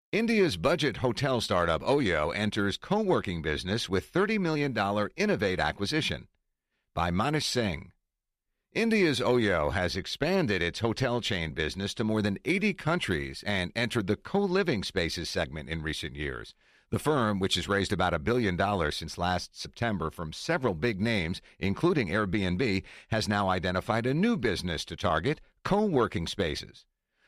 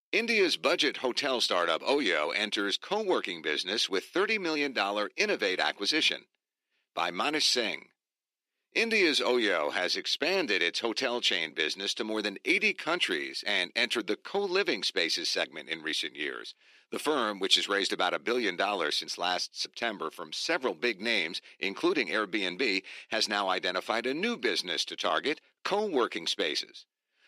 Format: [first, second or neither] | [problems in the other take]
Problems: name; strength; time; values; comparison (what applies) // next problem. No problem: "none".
first | thin; somewhat; fading below 300 Hz